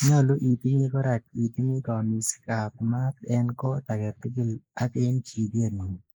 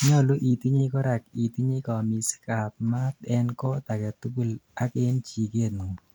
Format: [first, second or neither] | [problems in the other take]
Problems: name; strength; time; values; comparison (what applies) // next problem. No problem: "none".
second | noise reduction (neural mask model Resemble Enhance denoiser)